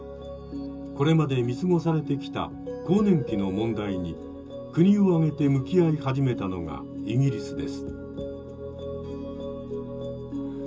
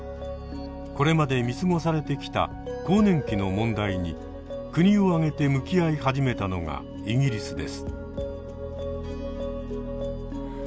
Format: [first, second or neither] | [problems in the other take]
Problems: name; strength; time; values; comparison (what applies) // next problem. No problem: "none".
second | room echo; dies away in 0.2 s